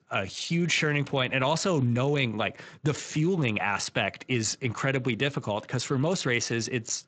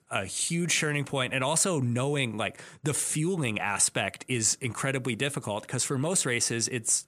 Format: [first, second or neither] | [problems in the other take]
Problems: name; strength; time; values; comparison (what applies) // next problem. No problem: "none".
second | garbled, watery; slightly; nothing above 7.5 kHz